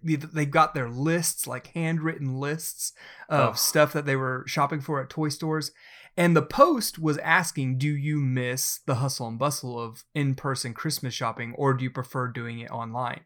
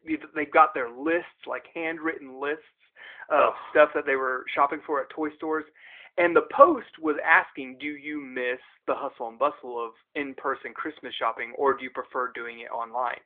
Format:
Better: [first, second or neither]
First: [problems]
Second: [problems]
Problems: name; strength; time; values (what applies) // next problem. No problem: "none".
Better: first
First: none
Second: phone-call audio; nothing above 3.5 kHz